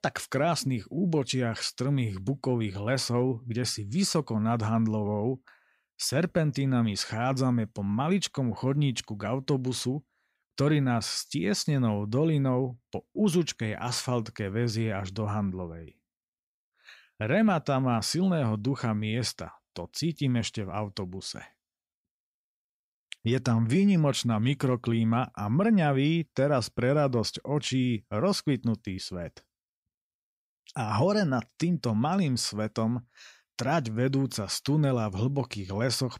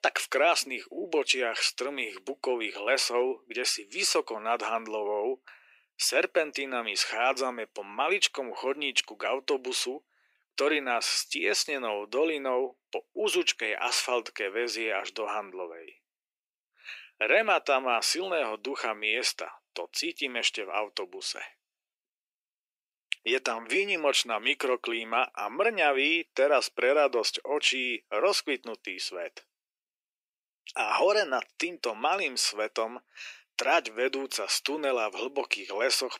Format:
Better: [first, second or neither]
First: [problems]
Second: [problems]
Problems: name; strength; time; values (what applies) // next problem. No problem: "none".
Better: first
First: none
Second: thin; very; fading below 350 Hz